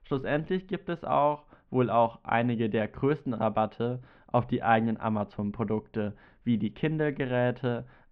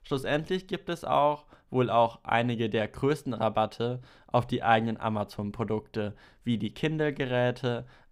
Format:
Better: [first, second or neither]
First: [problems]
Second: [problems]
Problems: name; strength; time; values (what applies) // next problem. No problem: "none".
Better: second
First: muffled; very; fading above 2.5 kHz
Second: none